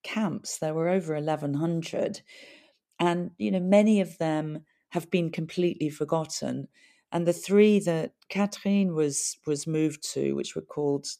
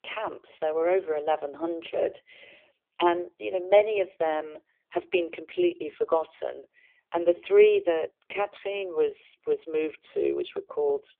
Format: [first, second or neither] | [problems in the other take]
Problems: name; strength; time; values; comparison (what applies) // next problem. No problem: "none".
first | phone-call audio; poor line; nothing above 3.5 kHz